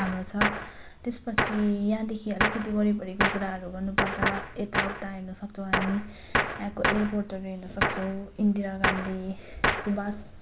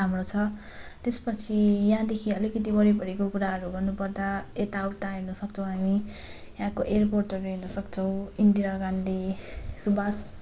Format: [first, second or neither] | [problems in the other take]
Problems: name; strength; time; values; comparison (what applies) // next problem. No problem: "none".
second | background sound (Gunshot, gunfire); 1 dB below the speech